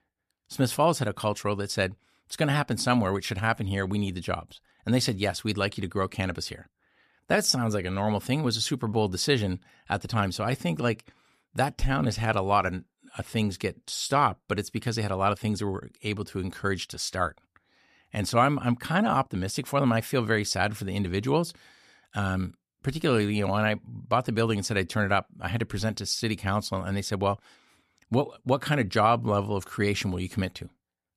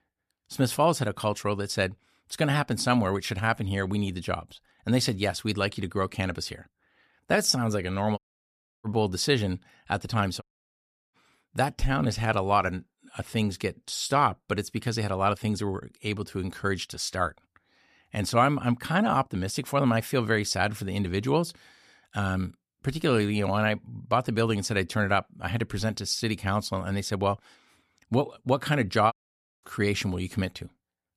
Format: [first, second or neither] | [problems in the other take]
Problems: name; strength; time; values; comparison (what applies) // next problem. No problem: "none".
first | audio cutting out; at 8 s for 0.5 s, at 10 s for 0.5 s and at 29 s for 0.5 s